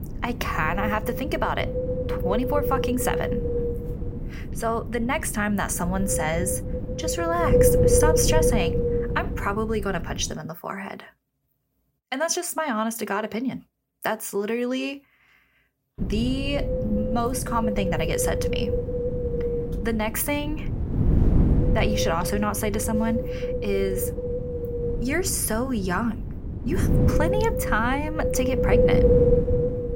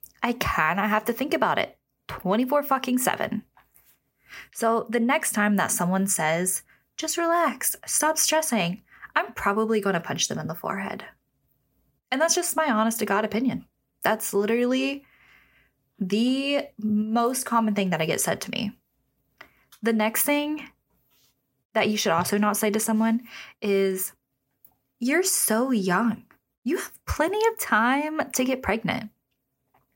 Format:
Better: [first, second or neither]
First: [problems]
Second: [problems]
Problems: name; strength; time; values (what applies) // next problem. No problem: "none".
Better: second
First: wind noise on the microphone; heavy; until 10 s and from 16 s on; as loud as the speech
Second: none